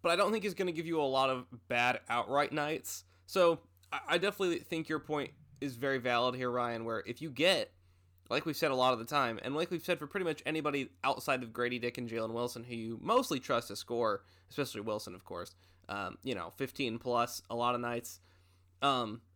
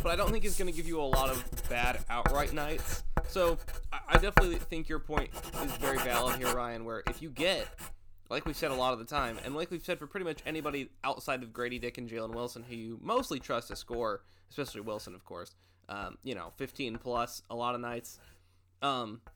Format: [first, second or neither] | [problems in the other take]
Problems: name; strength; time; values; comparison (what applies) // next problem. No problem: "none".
first | household noises; loud; throughout; as loud as the speech